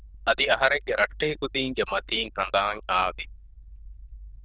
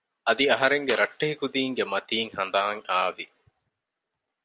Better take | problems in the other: second | noise reduction (neural diffusion model UNIVERSE++)

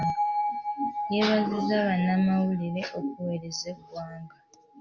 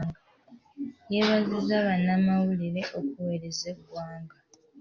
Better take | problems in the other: second | background sound (Bell); 6 dB below the speech

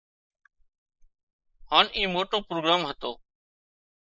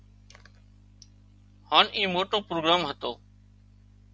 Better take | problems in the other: second | noise reduction (neural mask model Resemble Enhance denoiser)

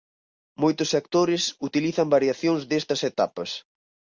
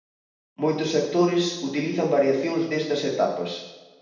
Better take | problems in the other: first | room echo; dies away in 0.9 s

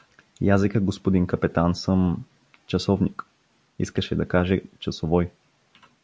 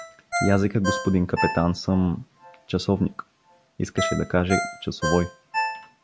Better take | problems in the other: first | background sound (Ringtone); 6 dB below the speech

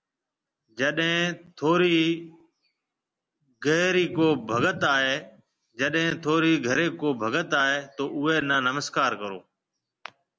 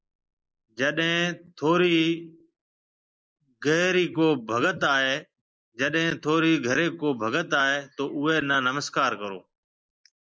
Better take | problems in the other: first | noise reduction (neural mask model Resemble Enhance denoiser)

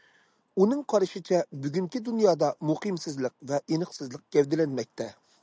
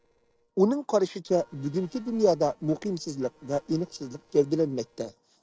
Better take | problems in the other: first | noise reduction (neural separator model SepFormer DNS4)

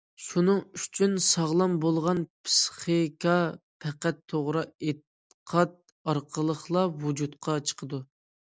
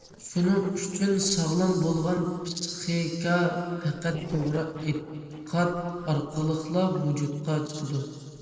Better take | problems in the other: first | noise reduction (neural separator model SepFormer DNS4)

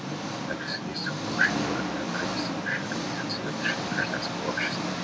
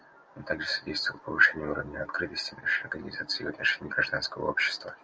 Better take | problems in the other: second | background sound (Engine); 2 dB above the speech

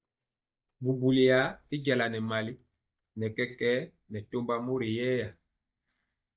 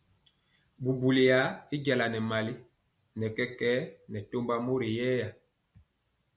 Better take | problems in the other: second | noise reduction (neural mask model DeepFilterNet 3)

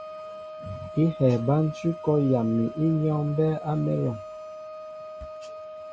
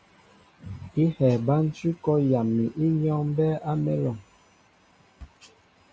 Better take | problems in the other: second | background sound (Wind instrument, woodwind instrument); 13 dB below the speech

